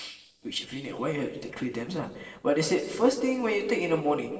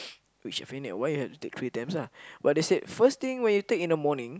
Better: second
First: noise reduction (neural separator model SepFormer DNS4)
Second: none

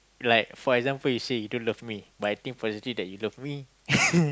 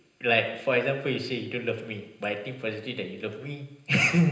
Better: first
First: none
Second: room echo; dies away in 0.9 s

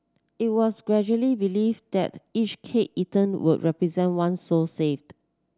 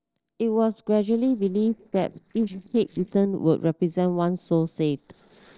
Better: first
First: none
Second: noise reduction (neural separator model SepFormer DNS4)

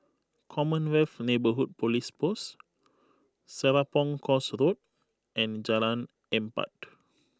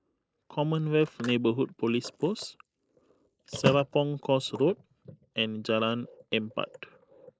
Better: first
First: none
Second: noise reduction (neural mask model Resemble Enhance denoiser)

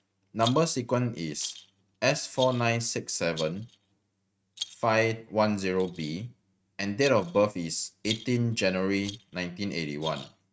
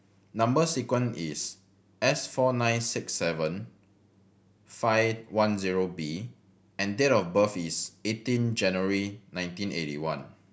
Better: second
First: noise reduction (neural mask model RNNoise)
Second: none

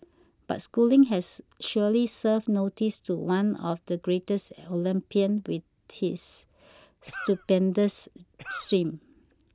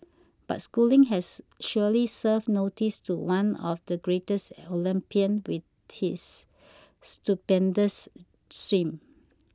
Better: second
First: background sound (Cough); 14 dB below the speech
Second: none

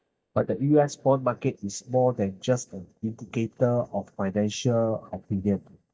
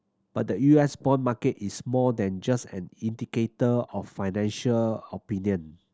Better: second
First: noise reduction (neural mask model DeepFilterNet 3)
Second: none

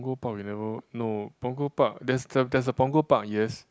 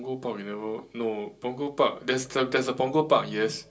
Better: first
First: none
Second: room echo; dies away in 0.2 s

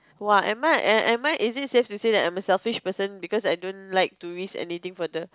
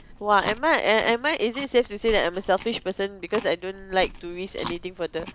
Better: first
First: none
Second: background sound (Chewing, mastication); 15 dB below the speech

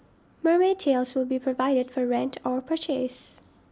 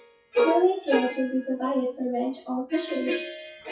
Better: first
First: none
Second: noise reduction (classical method WPE with log-MMSE)

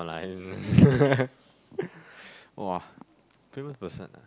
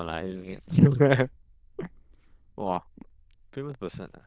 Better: first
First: none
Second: noise reduction (neural diffusion model UNIVERSE++)

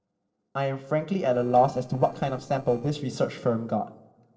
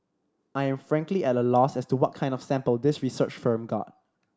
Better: second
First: noise reduction (neural separator model SepFormer DNS4)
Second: none

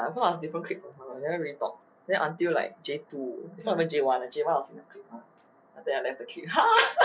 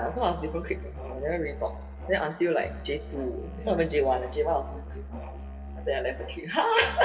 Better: first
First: none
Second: background sound (Musical instrument); 10 dB below the speech // room echo; dies away in 1.4 s

